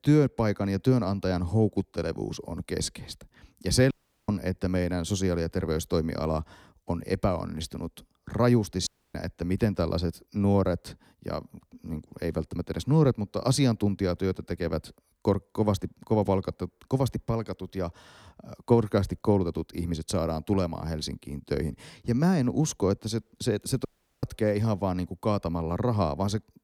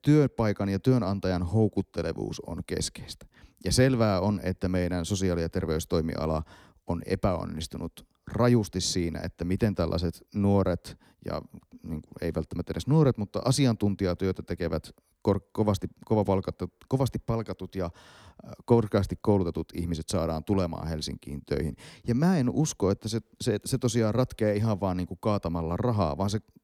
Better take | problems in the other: second | audio cutting out; at 4 s, at 9 s and at 24 s

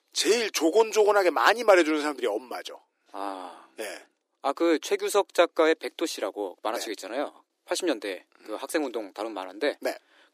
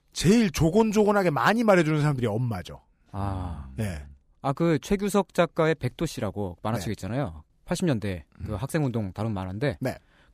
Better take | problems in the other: second | thin; very; fading below 300 Hz

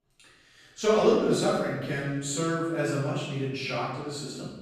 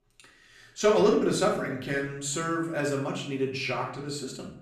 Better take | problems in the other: second | room echo; strong; dies away in 1.1 s; slight in the second // off-mic speech; far; far in the second

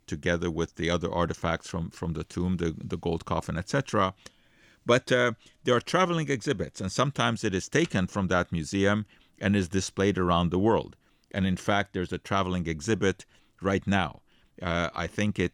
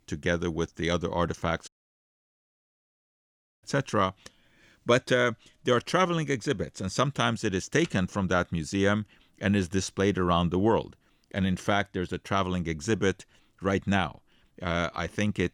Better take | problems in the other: first | audio cutting out; at 1.5 s for 2 s

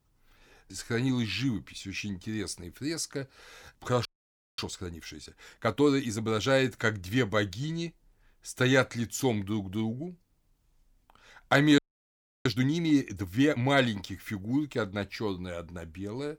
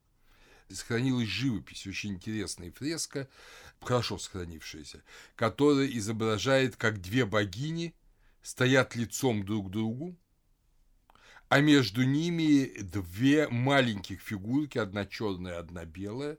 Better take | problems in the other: second | audio freezing; at 4 s for 0.5 s and at 12 s for 0.5 s

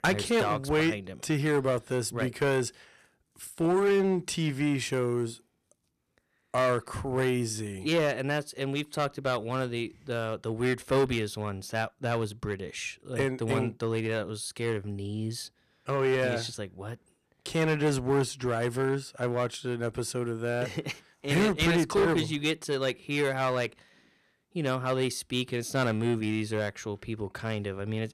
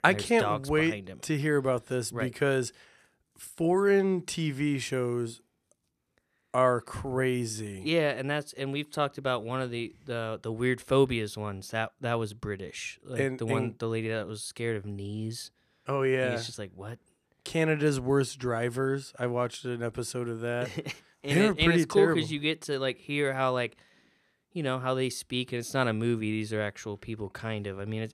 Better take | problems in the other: second | distortion; slight; 5% of the sound clipped

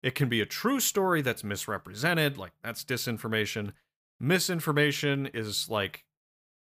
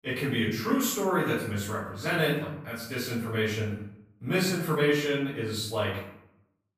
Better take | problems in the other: first | off-mic speech; far // room echo; noticeable; dies away in 0.7 s

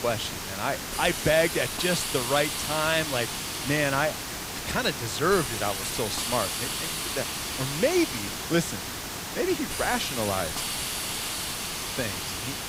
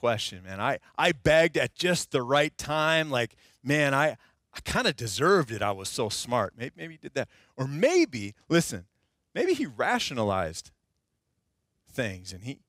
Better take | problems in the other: second | hiss; loud; throughout; 2 dB below the speech

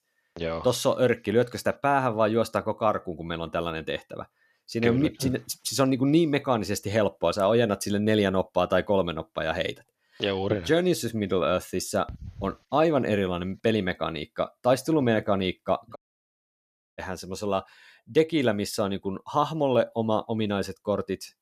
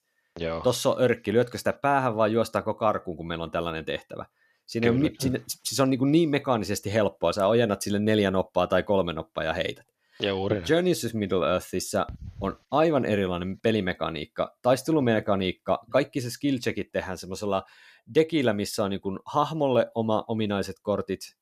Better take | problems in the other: second | audio cutting out; at 16 s for 1 s

